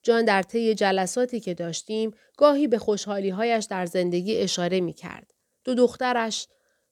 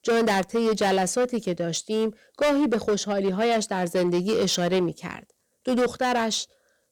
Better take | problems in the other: first | distortion; heavy; 14% of the sound clipped

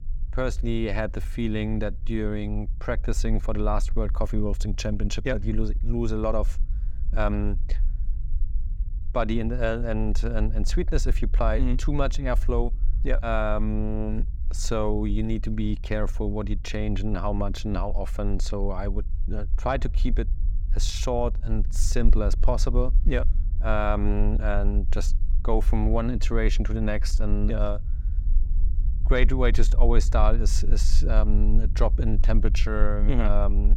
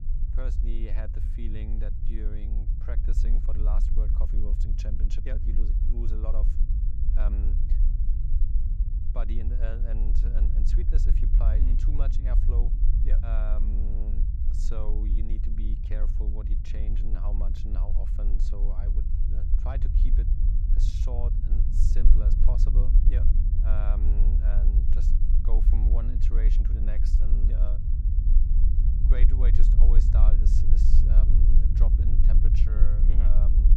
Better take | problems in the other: first | low rumble; loud; throughout; 1 dB below the speech; faint in the first

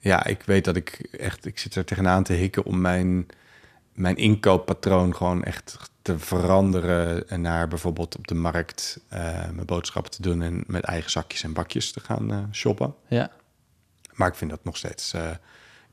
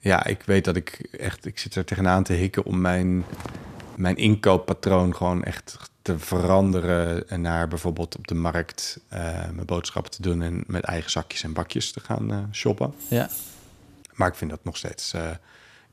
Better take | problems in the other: first | footsteps; faint; at 3 s; peak 10 dB below the speech // jangling keys; noticeable; at 13 s; peak 7 dB below the speech

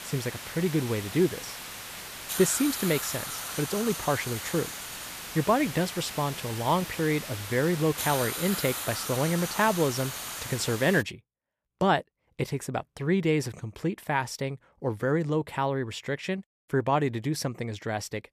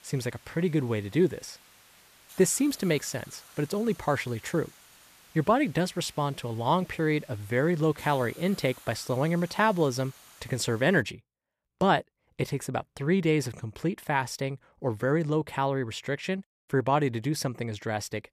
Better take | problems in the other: second | hiss; loud; until 11 s; 6 dB below the speech; faint in the second

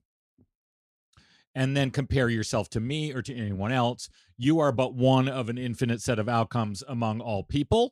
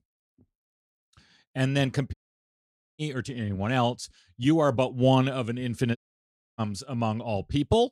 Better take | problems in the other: first | audio cutting out; at 2 s for 1 s and at 6 s for 0.5 s

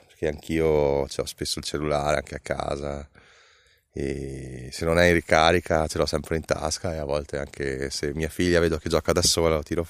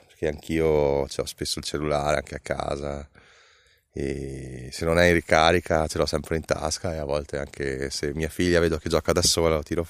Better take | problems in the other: neither | none

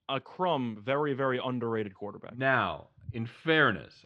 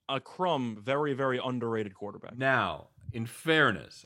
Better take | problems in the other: second | muffled; very slightly; fading above 4 kHz

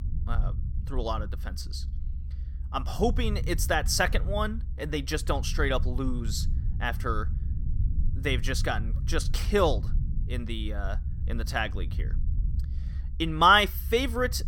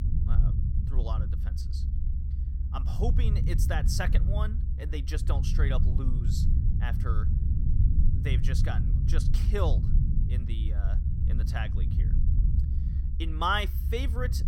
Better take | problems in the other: first | low rumble; loud; throughout; 9 dB below the speech; faint in the first

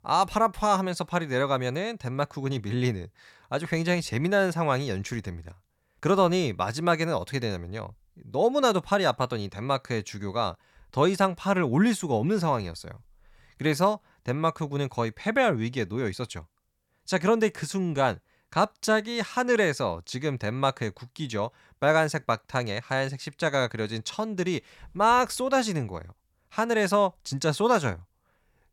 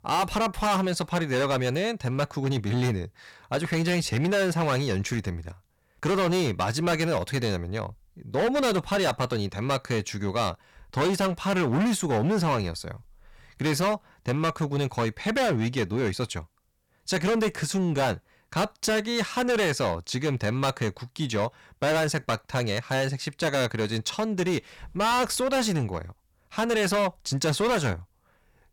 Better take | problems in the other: first | distortion; heavy; 16% of the sound clipped

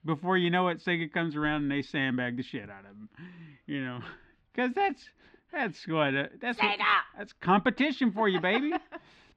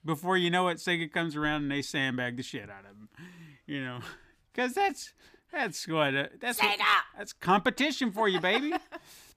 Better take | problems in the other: second | muffled; slightly; fading above 3.5 kHz

